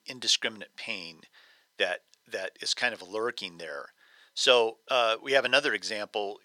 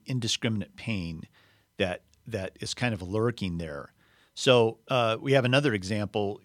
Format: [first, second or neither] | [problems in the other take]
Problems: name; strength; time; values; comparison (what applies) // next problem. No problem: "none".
second | thin; very; fading below 550 Hz